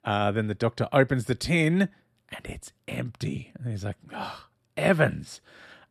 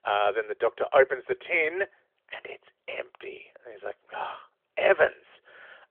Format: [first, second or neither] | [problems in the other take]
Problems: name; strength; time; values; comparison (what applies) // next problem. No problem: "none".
first | phone-call audio; nothing above 3.5 kHz